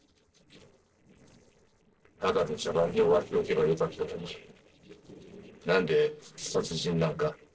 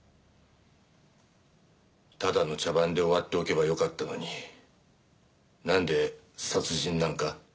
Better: second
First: noise reduction (neural separator model SepFormer DNS4)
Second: none

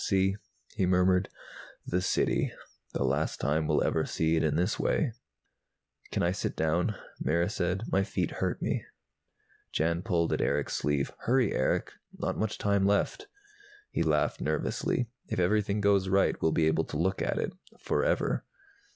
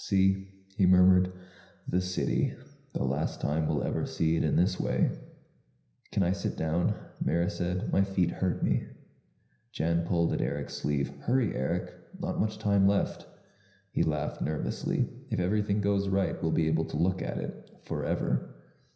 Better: first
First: none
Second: room echo; dies away in 0.9 s

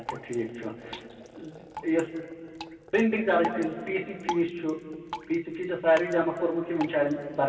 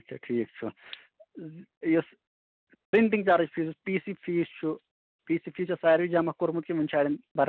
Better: second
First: background sound (Drip); 14 dB below the speech // room echo; dies away in 2.8 s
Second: none

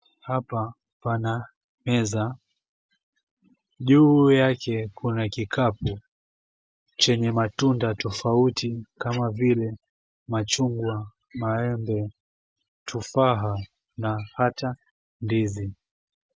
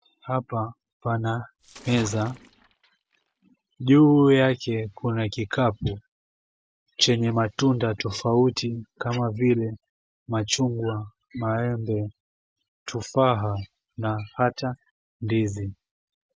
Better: first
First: none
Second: background sound (Splash, splatter); 18 dB below the speech

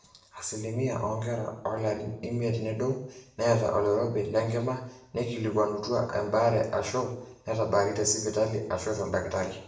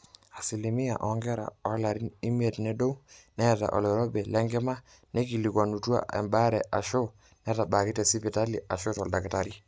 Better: second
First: room echo; dies away in 0.7 s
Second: none

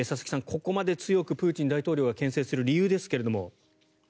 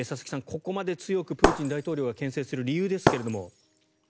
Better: first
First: none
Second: background sound (Shatter); as loud as the speech

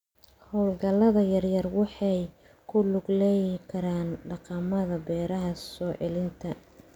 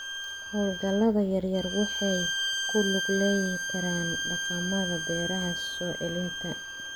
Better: first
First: none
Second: background sound (Bowed string instrument); 3 dB below the speech

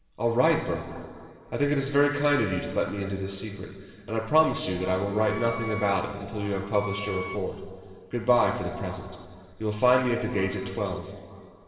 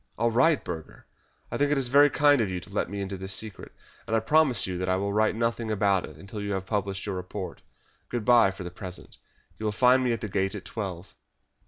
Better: second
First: background sound (Wind instrument, woodwind instrument); 12 dB below the speech // room echo; dies away in 2.2 s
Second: none

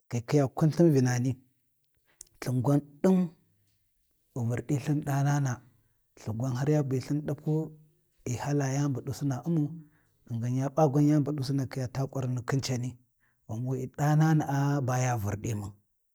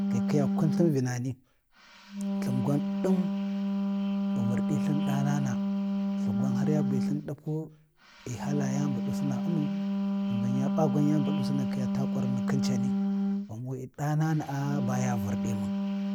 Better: first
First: none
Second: background sound (Wind instrument, woodwind instrument); 3 dB above the speech

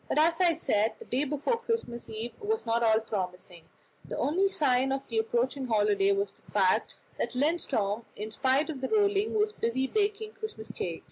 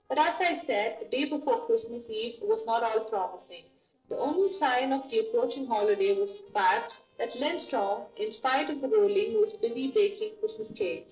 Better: first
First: none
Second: noise reduction (neural separator model SepFormer DNS4)

